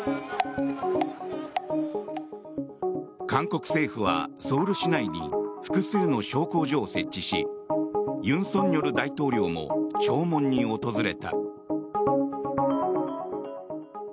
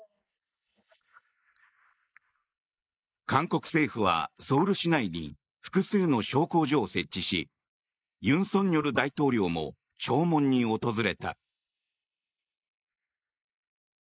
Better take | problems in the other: first | noise reduction (neural mask model Resemble Enhance denoiser)

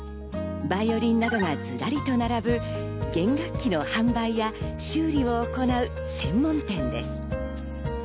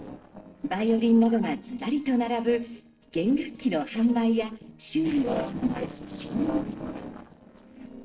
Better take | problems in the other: first | noise reduction (neural separator model SepFormer DNS4)

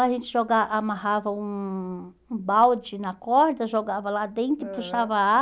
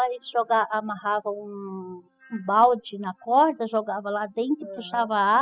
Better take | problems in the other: first | noise reduction (classical method spectral subtraction)

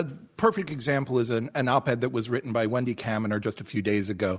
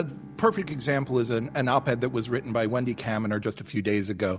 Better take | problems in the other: first | background sound (Gong + Bowed string instrument); 18 dB below the speech

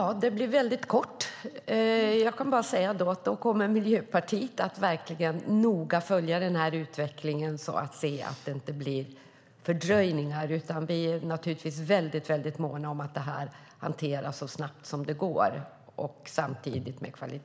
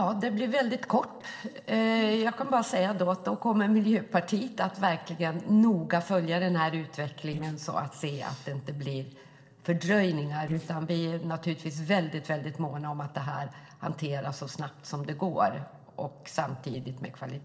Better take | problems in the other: first | noise reduction (neural separator model SepFormer DNS4)

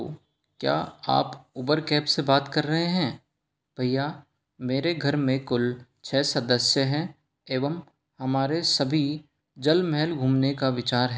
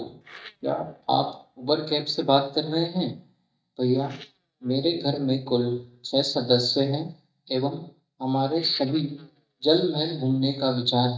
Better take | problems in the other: first | noise reduction (neural mask model DeepFilterNet 3)

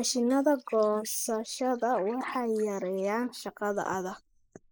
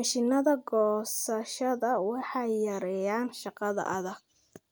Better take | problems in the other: second | noise reduction (neural mask model Resemble Enhance denoiser)

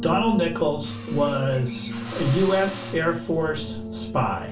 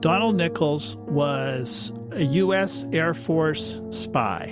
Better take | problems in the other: second | background sound (Drill); 19 dB below the speech // room echo; dies away in 0.3 s

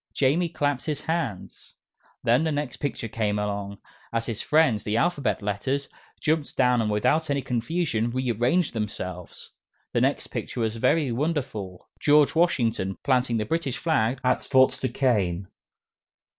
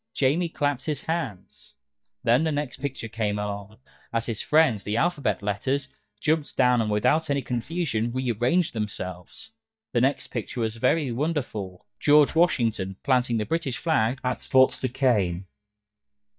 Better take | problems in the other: first | noise reduction (neural mask model DeepFilterNet 3)

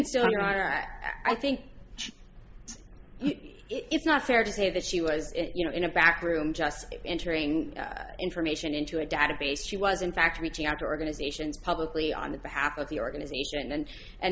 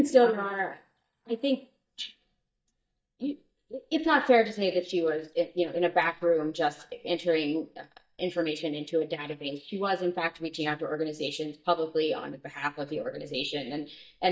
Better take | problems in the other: first | noise reduction (neural mask model DeepFilterNet 3)

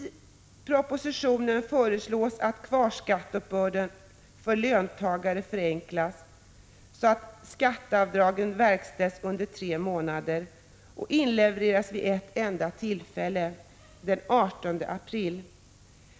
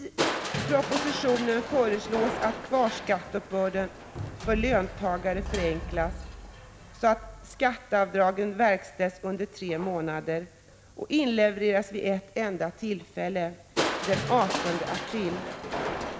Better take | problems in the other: first | background sound (Crushing); 7 dB below the speech

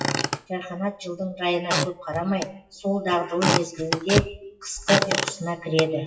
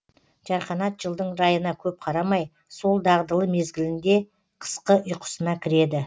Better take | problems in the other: second | noise reduction (classical method WPE with log-MMSE)

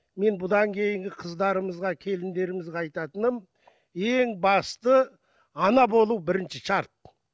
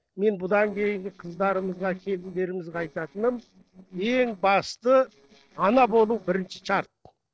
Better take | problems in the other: first | noise reduction (neural separator model SepFormer DNS4)

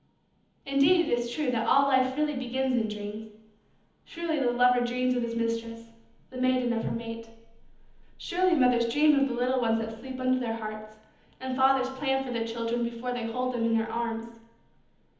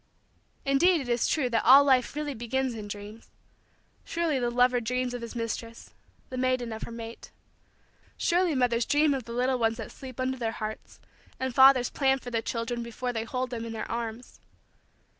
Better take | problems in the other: second | room echo; dies away in 1.3 s

